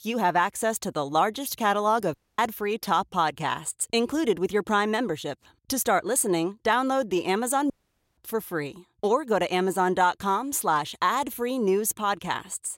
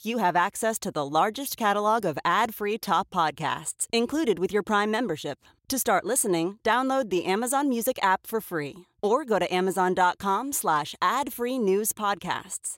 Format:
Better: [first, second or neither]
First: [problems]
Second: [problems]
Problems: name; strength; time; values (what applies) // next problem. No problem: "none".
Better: second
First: audio cutting out; at 2 s and at 7.5 s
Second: none